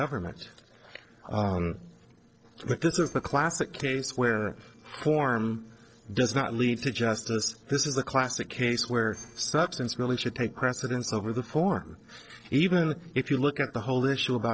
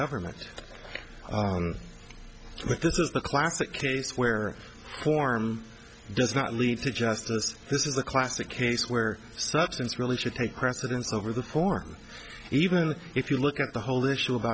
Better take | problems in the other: second | noise reduction (neural separator model SepFormer DNS4)

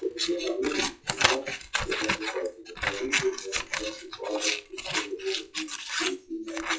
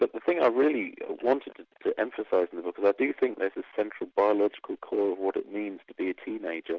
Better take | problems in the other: second | noise reduction (classical method WPE with log-MMSE)

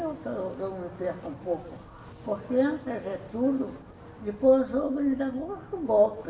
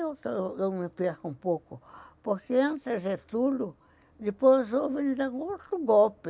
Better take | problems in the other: second | background sound (Wind); 18 dB below the speech // room echo; dies away in 0.7 s

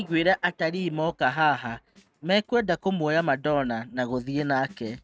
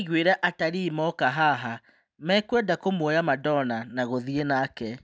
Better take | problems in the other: second | noise reduction (neural mask model RNNoise)

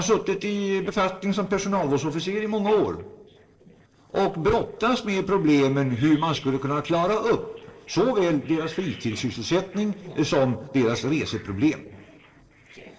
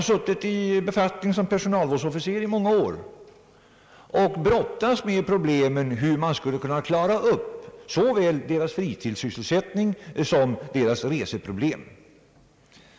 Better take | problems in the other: second | noise reduction (neural separator model SepFormer DNS4)

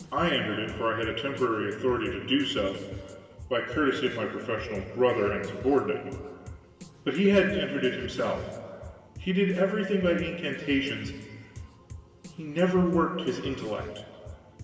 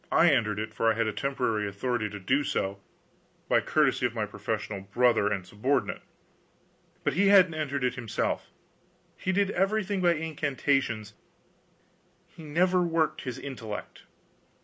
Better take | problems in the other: second | background sound (Drum kit); 17 dB below the speech // room echo; dies away in 1.8 s

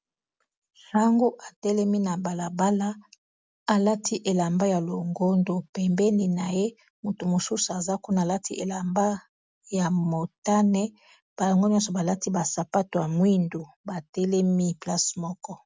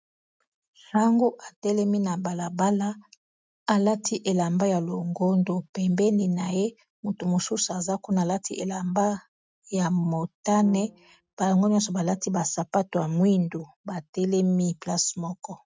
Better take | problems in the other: first | noise reduction (neural mask model RNNoise)

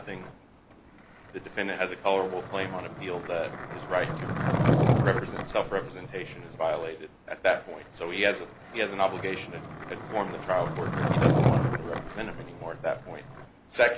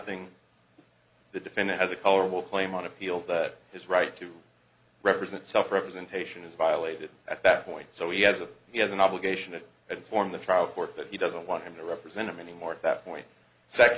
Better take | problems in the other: second | background sound (Skateboard); 1 dB above the speech

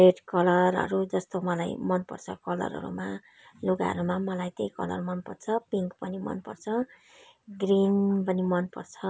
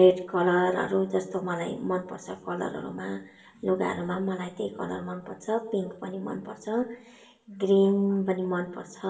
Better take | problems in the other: first | room echo; dies away in 0.7 s

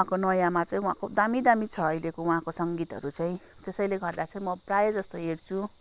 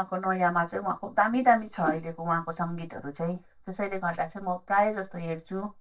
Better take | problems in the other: first | noise reduction (neural mask model DeepFilterNet 3)

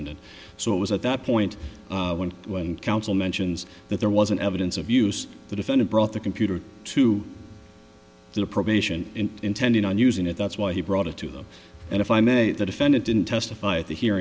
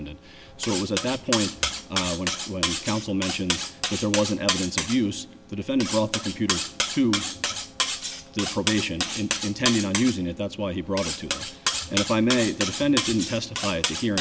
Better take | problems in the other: first | background sound (Cutlery, silverware); 3 dB below the speech

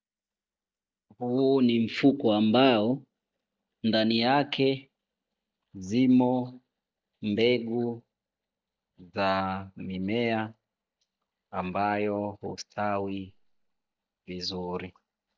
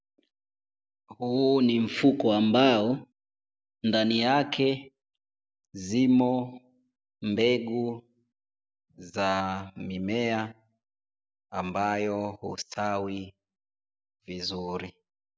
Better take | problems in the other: second | noise reduction (neural mask model DeepFilterNet 3)

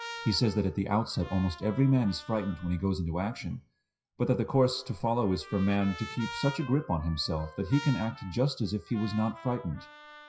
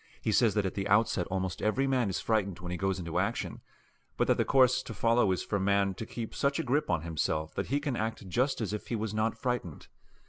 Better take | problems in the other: second | noise reduction (classical method WPE with log-MMSE)

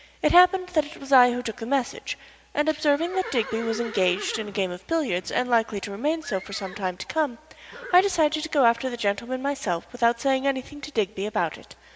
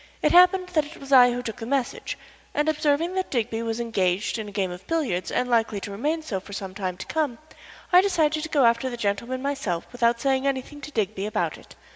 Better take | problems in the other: second | background sound (Livestock, farm animals, working animals); 19 dB below the speech

